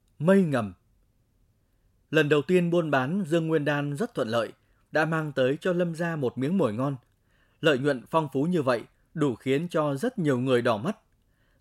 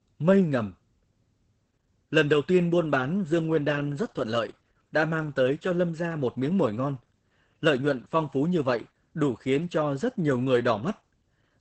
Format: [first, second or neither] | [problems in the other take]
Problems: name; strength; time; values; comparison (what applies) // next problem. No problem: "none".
first | garbled, watery; badly; nothing above 8 kHz